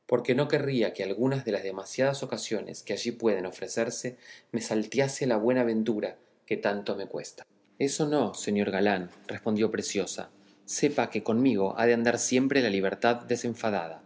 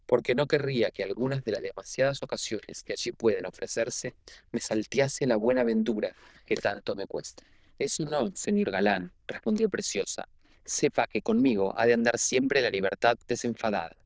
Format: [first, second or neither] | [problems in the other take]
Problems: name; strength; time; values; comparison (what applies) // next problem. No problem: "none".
first | noise reduction (neural diffusion model UNIVERSE++)